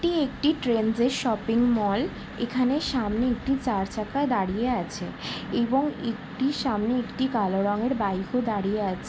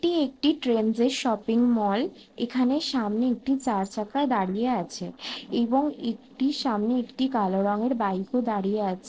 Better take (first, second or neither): first